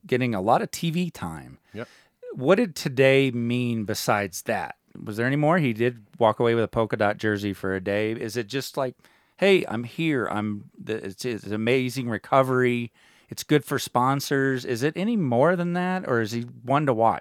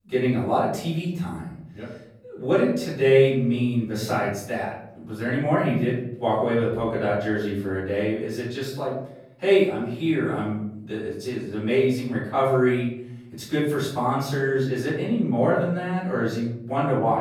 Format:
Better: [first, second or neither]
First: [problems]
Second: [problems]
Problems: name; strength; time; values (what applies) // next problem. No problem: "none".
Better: first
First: none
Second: off-mic speech; far // room echo; noticeable; dies away in 0.8 s